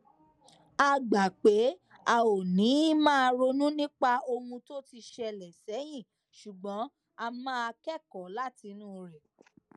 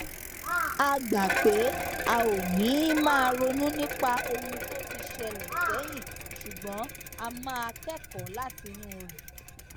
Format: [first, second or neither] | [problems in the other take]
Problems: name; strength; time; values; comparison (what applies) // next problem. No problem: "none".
first | background sound (Bicycle + Crow); 4 dB below the speech